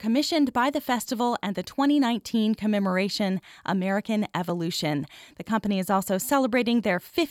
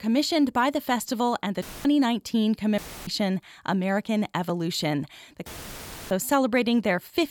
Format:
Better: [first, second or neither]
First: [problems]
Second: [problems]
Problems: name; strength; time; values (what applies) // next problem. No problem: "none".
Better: first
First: none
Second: audio cutting out; filled with static; at 1.5 s, at 3 s and at 5.5 s for 0.5 s